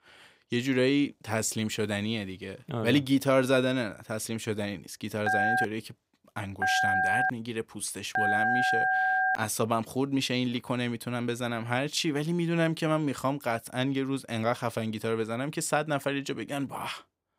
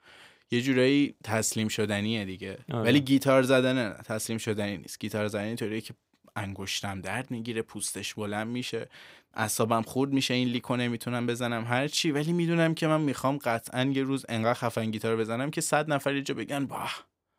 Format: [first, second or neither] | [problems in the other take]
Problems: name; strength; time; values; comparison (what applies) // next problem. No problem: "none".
second | phone ringing; loud; from 5.5 to 9.5 s; peak 5 dB above the speech